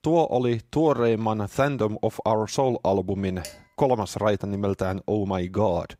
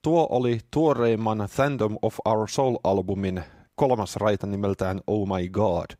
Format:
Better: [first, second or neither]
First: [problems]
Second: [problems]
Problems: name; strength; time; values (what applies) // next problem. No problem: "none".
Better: second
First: clattering dishes; faint; at 3.5 s; peak 15 dB below the speech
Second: none